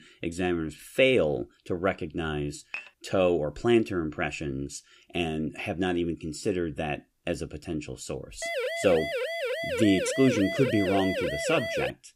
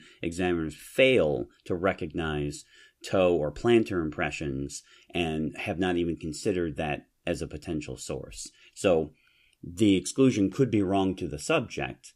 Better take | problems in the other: second | clattering dishes; faint; at 2.5 s; peak 10 dB below the speech // siren; noticeable; from 8.5 s on; peak 2 dB below the speech

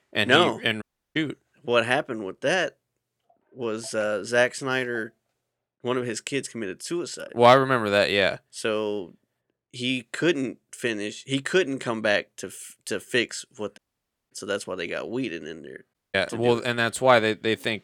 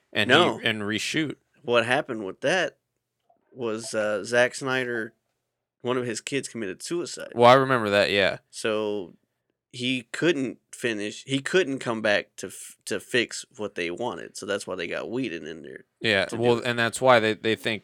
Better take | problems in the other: second | audio cutting out; at 1 s, at 14 s for 0.5 s and at 16 s

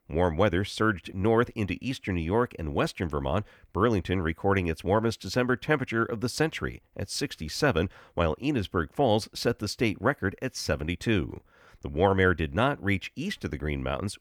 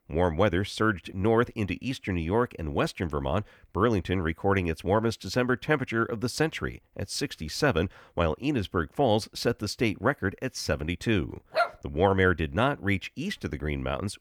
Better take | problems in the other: first | dog barking; noticeable; at 12 s; peak 1 dB below the speech

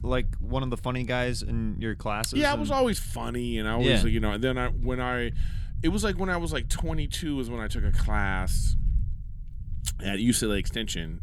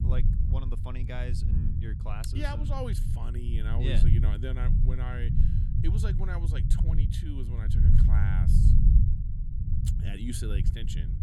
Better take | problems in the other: first | low rumble; loud; throughout; 1 dB below the speech; faint in the first

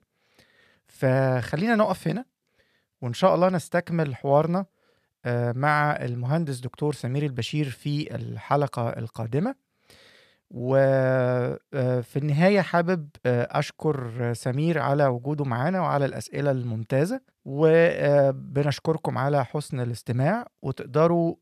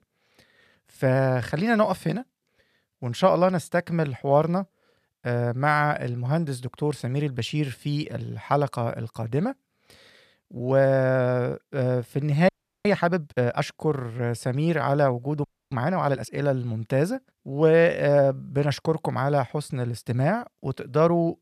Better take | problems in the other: first | audio freezing; at 12 s and at 15 s

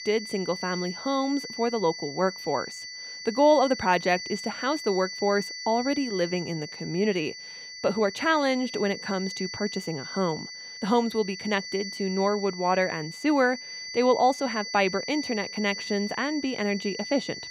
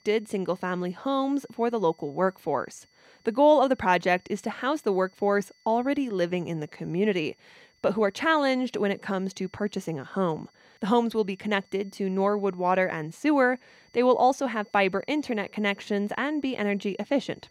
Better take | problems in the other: second | high-pitched whine; loud; throughout; 4.5 kHz, 9 dB below the speech; faint in the second

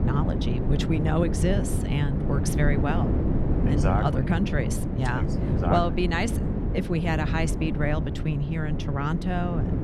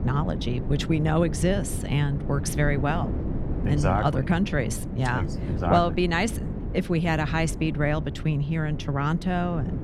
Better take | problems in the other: second | wind noise on the microphone; heavy; 5 dB below the speech; occasional gusts in the second

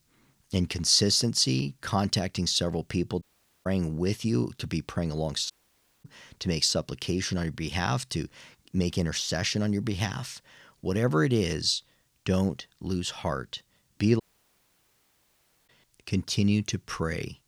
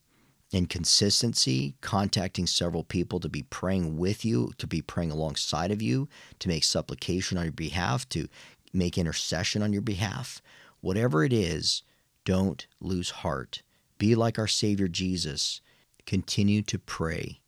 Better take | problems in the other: second | audio cutting out; at 3 s, at 5.5 s for 0.5 s and at 14 s for 1.5 s

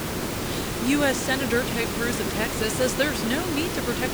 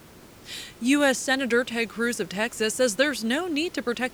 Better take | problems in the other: second | hiss; loud; throughout; 2 dB below the speech; faint in the second

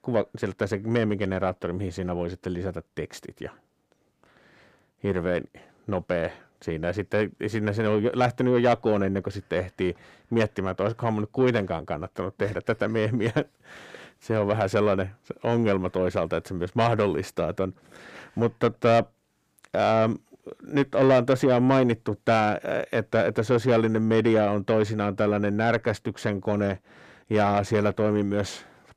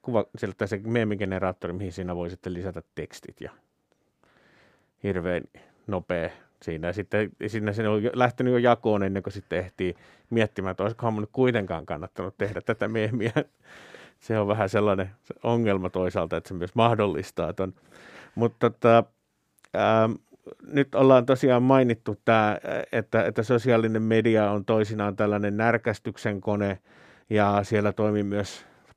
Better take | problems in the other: second | distortion; slight; 10 dB below the speech

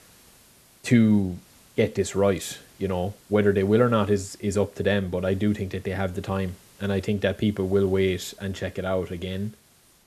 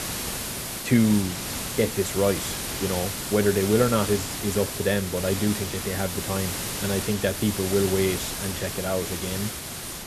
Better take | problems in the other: first | hiss; loud; throughout; 4 dB below the speech; faint in the first

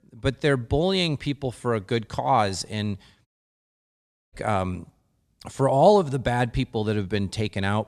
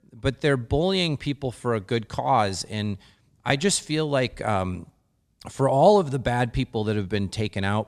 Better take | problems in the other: second | audio cutting out; at 3.5 s for 1 s

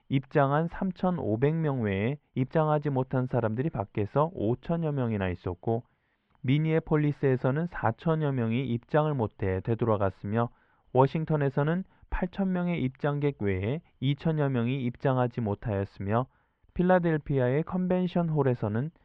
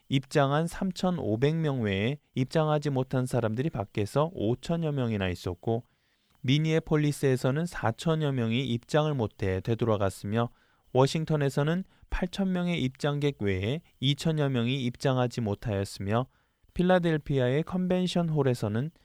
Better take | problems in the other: second | muffled; very; fading above 2.5 kHz

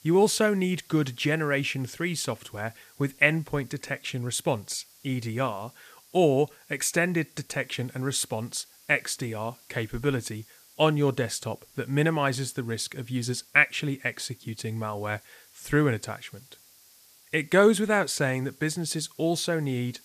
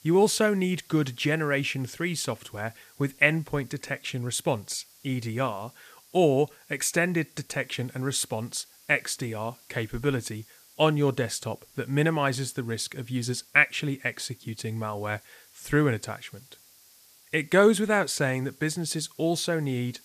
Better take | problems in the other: neither | hiss; faint; throughout; 25 dB below the speech; the same in both

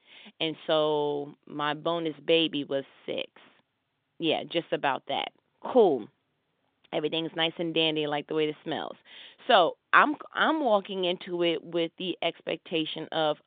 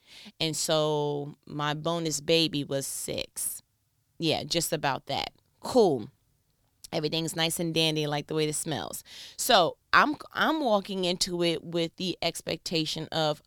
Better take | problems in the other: second | phone-call audio

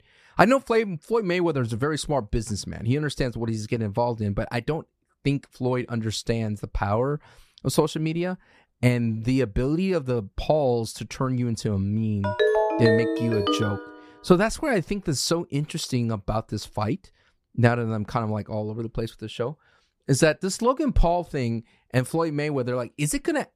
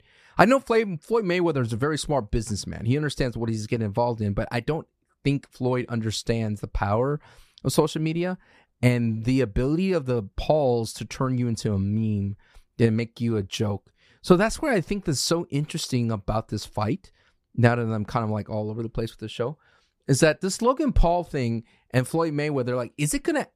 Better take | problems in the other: second | phone ringing; loud; from 12 to 14 s; peak 4 dB above the speech

